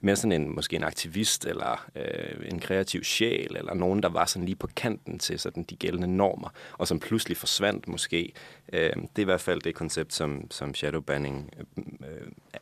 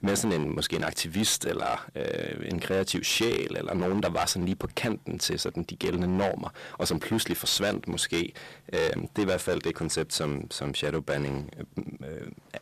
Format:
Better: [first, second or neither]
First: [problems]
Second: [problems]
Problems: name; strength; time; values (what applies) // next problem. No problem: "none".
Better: first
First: none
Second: distortion; heavy; 8% of the sound clipped